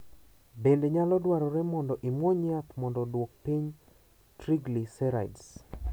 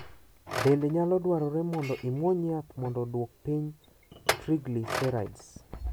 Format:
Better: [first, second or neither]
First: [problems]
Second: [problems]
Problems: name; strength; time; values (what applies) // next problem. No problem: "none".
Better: first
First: none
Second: background sound (Chink, clink); 9 dB below the speech